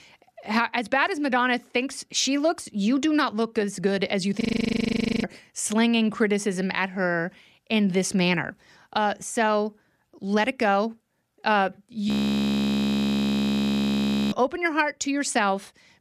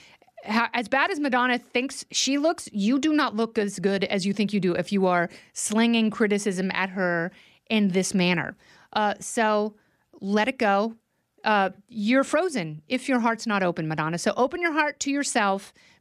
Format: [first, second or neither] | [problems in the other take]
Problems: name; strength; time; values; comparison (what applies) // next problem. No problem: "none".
second | audio freezing; at 4.5 s for 1 s and at 12 s for 2 s